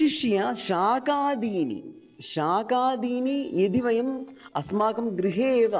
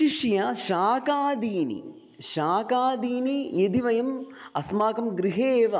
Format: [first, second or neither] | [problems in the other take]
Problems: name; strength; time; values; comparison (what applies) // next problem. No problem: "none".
second | noise reduction (neural separator model SepFormer DNS4)